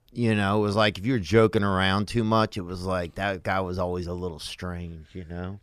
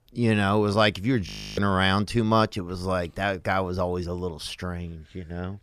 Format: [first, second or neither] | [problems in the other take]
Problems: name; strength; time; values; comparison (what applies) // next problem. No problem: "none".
first | audio freezing; at 1.5 s